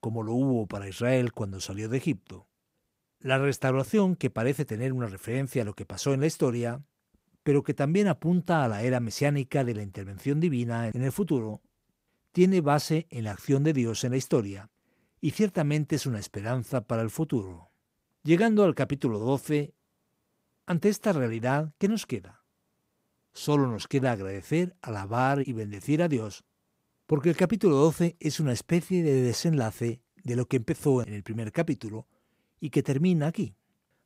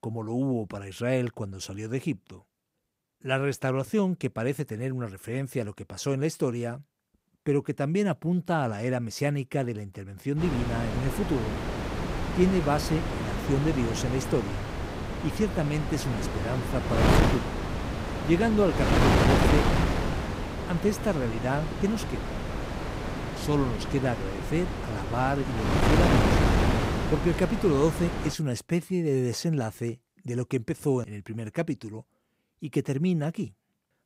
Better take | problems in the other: first | wind noise on the microphone; heavy; from 10 to 28 s; 1 dB above the speech

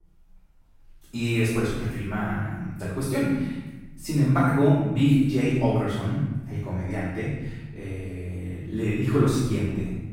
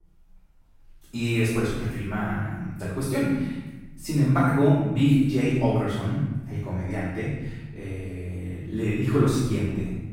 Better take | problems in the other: neither | room echo; strong; dies away in 1.1 s; the same in both // off-mic speech; far; the same in both

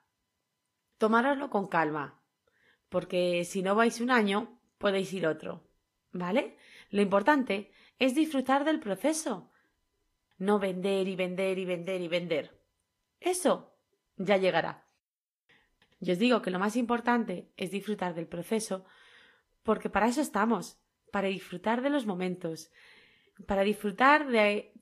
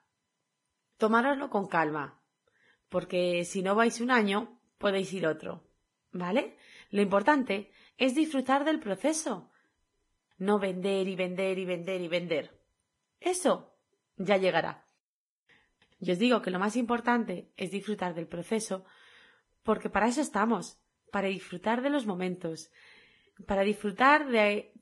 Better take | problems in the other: first | garbled, watery; badly; nothing above 10.5 kHz; slightly in the first

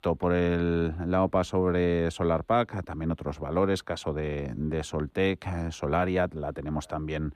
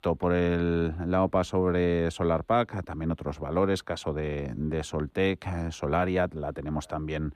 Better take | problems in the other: neither | none

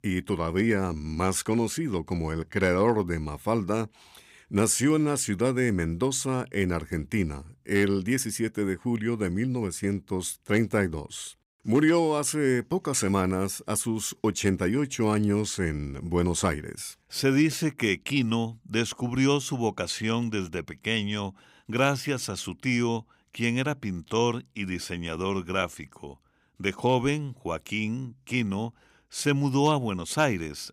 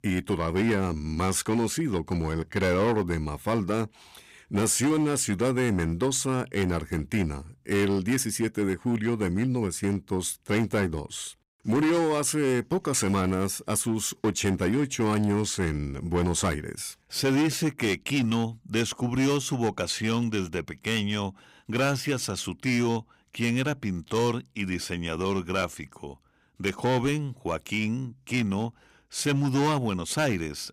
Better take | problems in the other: first | distortion; slight; 8% of the sound clipped

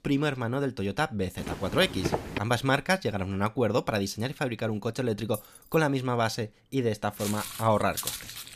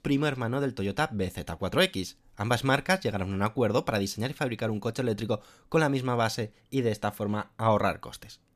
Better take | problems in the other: second | footsteps; noticeable; from 1.5 to 2.5 s and from 7 s on; peak 2 dB below the speech // jangling keys; faint; at 5.5 s; peak 15 dB below the speech

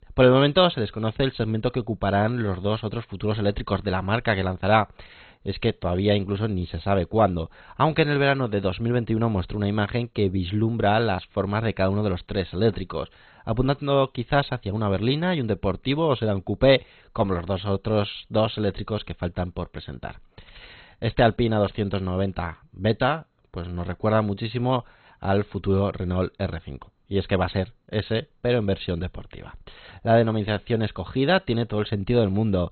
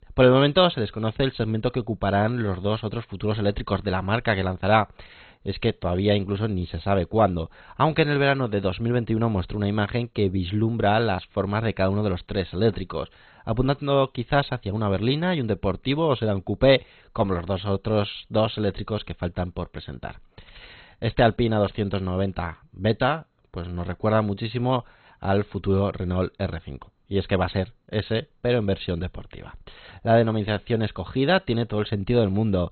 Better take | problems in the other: neither | garbled, watery; badly; nothing above 4 kHz; the same in both

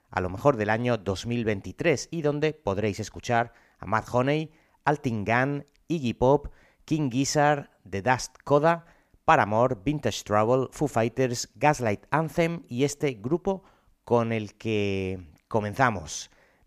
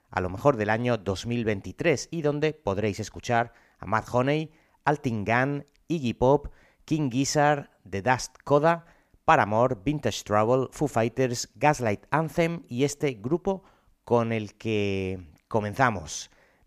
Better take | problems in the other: neither | none

